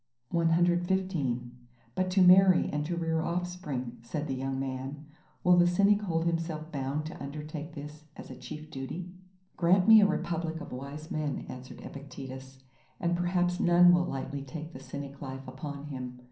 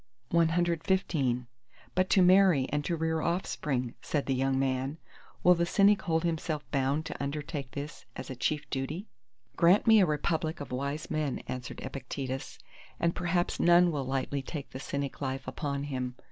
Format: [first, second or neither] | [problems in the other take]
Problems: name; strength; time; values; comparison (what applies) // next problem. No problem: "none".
second | room echo; dies away in 0.6 s